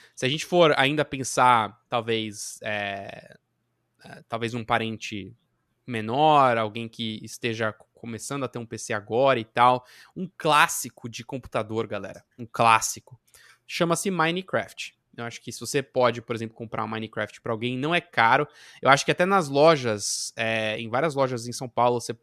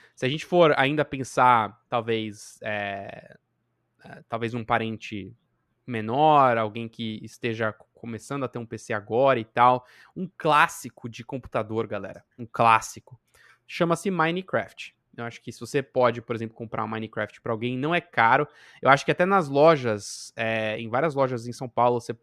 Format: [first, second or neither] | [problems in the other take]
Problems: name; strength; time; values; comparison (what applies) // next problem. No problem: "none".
first | muffled; slightly; fading above 3 kHz